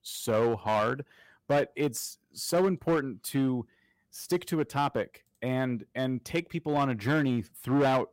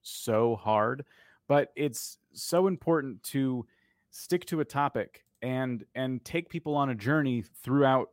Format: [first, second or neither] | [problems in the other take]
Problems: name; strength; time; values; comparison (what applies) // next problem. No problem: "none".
second | distortion; slight; 6% of the sound clipped